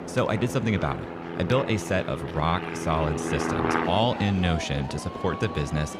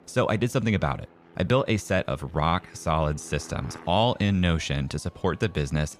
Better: second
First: train or aircraft noise; loud; throughout; 5 dB below the speech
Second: train or aircraft noise; faint; throughout; 25 dB below the speech

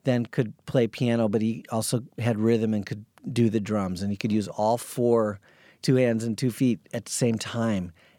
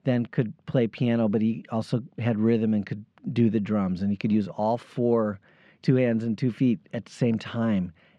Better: first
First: none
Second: muffled; slightly; fading above 3 kHz

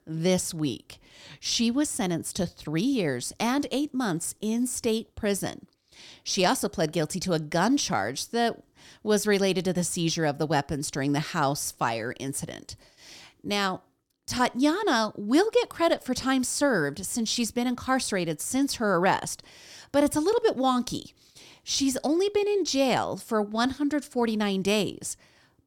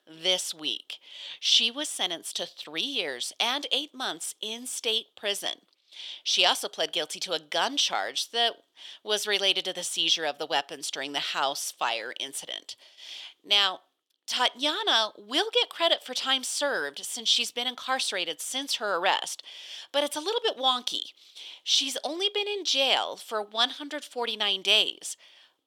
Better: first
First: none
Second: thin; somewhat; fading below 600 Hz

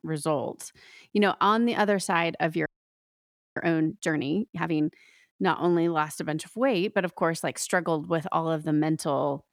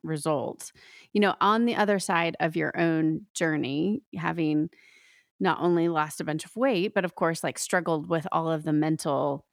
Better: second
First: audio freezing; at 2.5 s for 1 s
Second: none

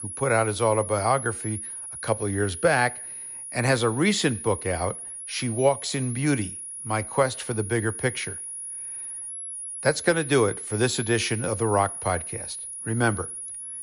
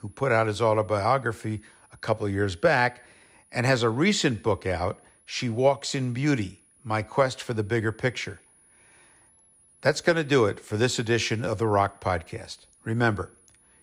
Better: second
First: high-pitched whine; loud; throughout; 10.5 kHz, 8 dB below the speech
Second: high-pitched whine; faint; throughout; 10.5 kHz, 30 dB below the speech

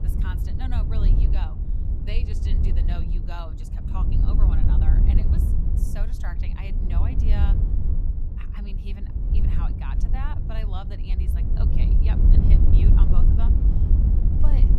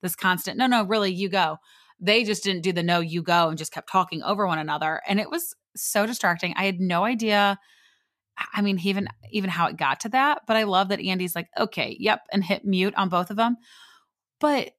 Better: second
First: wind noise on the microphone; heavy; 2 dB above the speech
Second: none

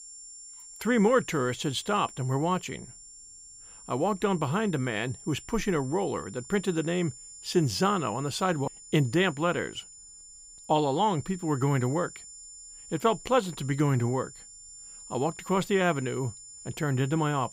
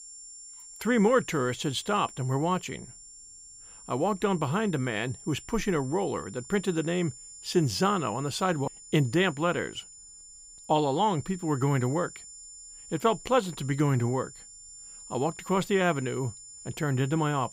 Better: neither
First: high-pitched whine; noticeable; throughout; 7 kHz, 15 dB below the speech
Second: high-pitched whine; noticeable; throughout; 7 kHz, 15 dB below the speech

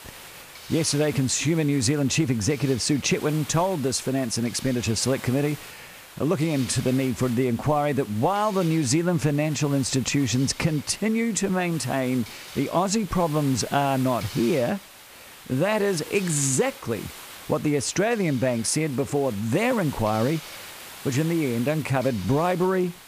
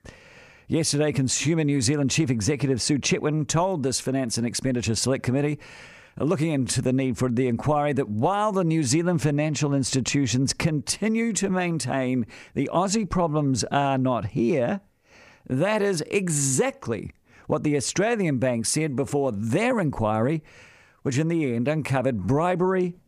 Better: second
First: hiss; noticeable; throughout; 15 dB below the speech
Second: none

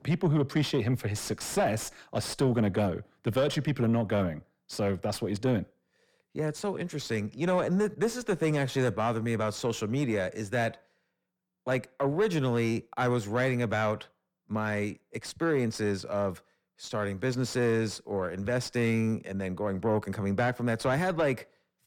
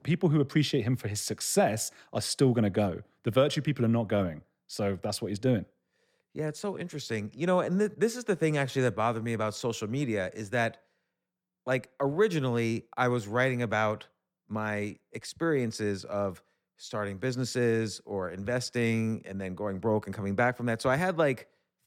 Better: second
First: distortion; slight; 10 dB below the speech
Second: none

